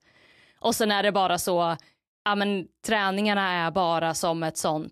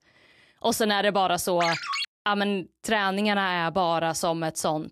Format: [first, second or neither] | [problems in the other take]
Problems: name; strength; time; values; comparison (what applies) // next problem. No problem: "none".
first | phone ringing; noticeable; at 1.5 s; peak 2 dB below the speech